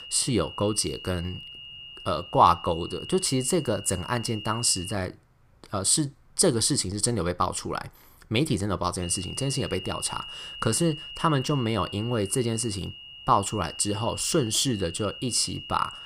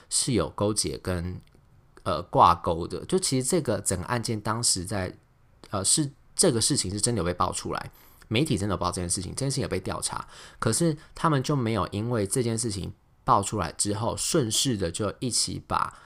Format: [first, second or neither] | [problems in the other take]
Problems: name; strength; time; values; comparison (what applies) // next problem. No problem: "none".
second | high-pitched whine; noticeable; until 5 s and from 9 s on; 3 kHz, 15 dB below the speech